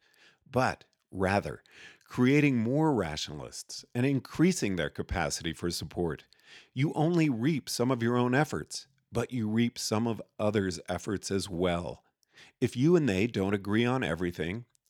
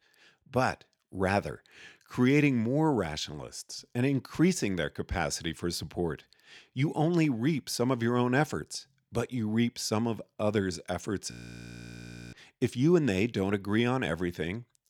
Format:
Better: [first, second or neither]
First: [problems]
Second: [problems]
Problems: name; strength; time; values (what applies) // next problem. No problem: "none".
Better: first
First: none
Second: audio freezing; at 11 s for 1 s